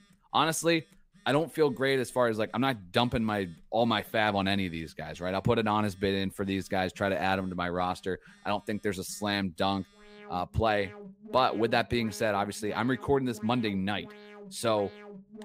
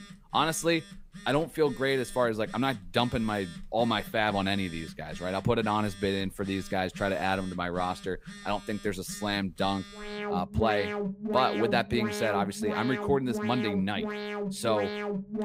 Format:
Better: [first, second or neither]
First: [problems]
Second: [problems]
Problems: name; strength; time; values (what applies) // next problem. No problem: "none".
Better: first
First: alarms or sirens; faint; throughout; 20 dB below the speech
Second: alarms or sirens; loud; throughout; 8 dB below the speech